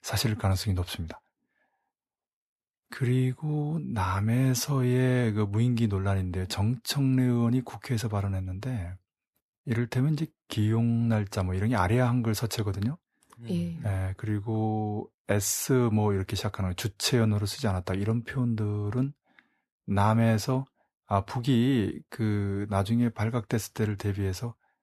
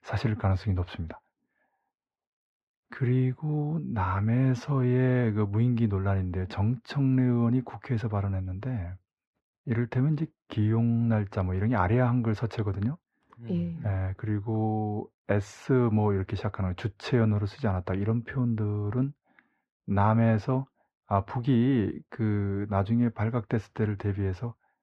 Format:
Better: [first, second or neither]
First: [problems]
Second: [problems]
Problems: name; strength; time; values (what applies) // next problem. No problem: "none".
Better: first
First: none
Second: muffled; very; fading above 2 kHz